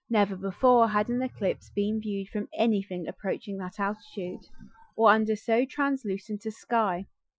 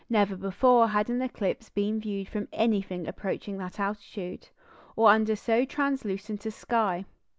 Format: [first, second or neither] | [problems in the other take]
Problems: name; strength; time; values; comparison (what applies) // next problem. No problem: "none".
second | noise reduction (classical method Wiener filter)